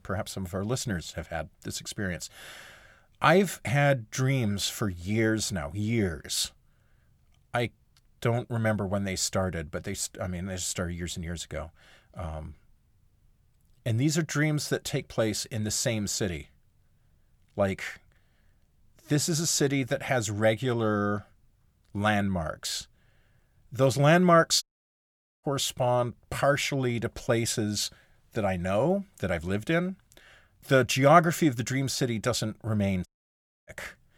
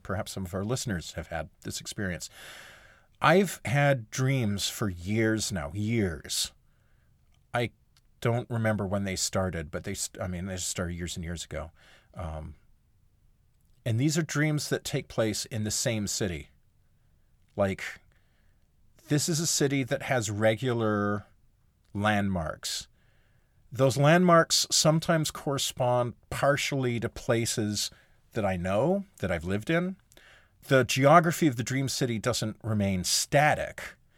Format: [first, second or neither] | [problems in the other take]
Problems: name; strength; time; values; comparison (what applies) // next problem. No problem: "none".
second | audio cutting out; at 25 s for 1 s and at 33 s for 0.5 s